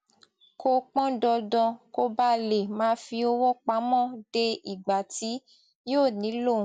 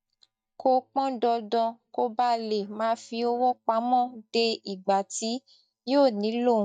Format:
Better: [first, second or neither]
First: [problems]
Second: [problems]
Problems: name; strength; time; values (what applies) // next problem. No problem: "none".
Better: first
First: none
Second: noise reduction (neural mask model DeepFilterNet 3)